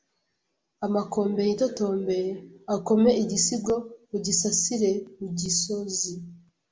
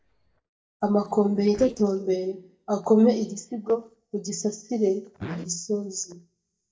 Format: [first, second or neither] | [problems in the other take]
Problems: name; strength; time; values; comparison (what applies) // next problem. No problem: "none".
first | noise reduction (neural mask model DeepFilterNet 3)